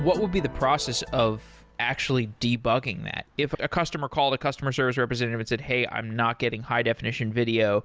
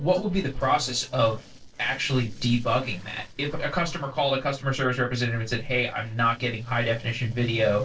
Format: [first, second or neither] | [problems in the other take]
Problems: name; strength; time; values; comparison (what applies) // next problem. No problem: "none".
first | noise reduction (neural separator model SepFormer DNS4)